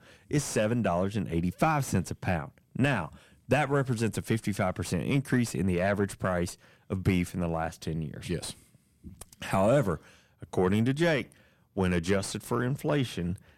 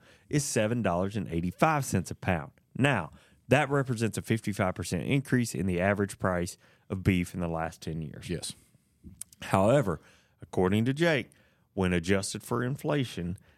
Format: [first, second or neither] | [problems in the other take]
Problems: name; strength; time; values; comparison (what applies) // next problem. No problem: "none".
second | distortion; slight; 10 dB below the speech